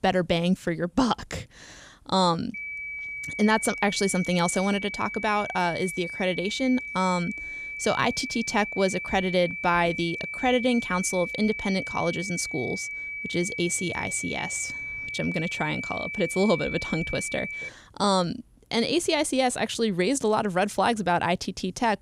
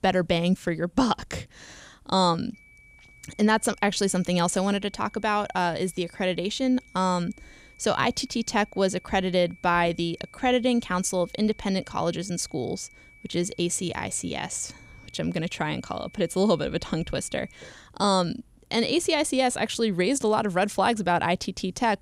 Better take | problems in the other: second | high-pitched whine; loud; from 2.5 to 18 s; 2.5 kHz, 6 dB below the speech; faint in the second

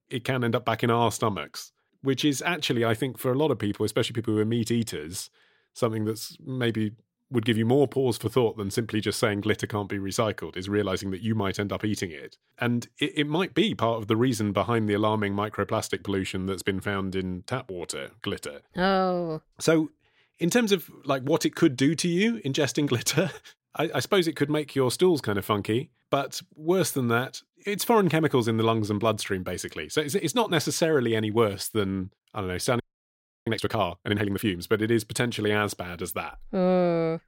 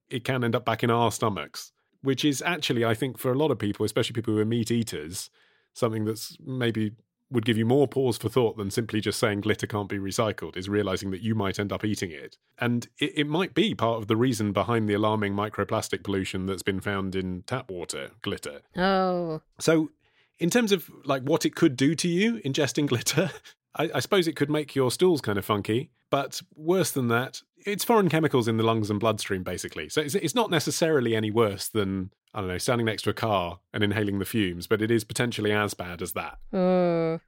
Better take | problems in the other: second | audio freezing; at 33 s for 0.5 s

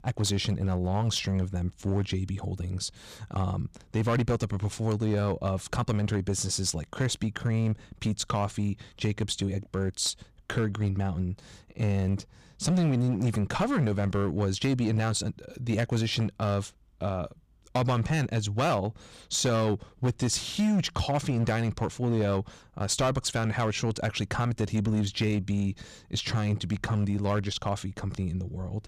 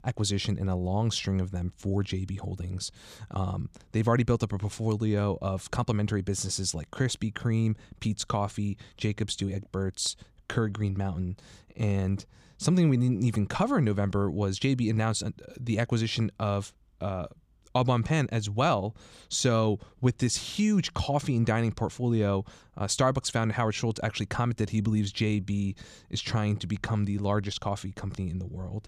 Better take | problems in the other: second | distortion; slight; 8% of the sound clipped

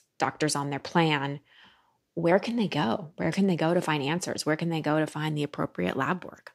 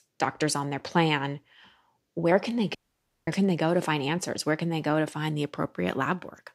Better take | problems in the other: first | audio cutting out; at 3 s for 0.5 s

